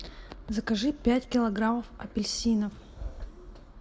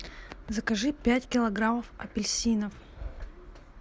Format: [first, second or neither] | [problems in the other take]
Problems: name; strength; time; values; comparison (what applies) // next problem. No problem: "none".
second | room echo; dies away in 0.8 s